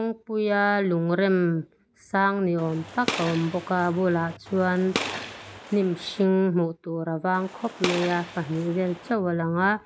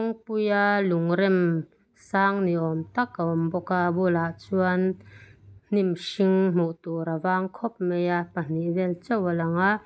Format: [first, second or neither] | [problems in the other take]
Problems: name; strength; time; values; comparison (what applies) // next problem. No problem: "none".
second | background sound (Gunshot, gunfire); 10 dB below the speech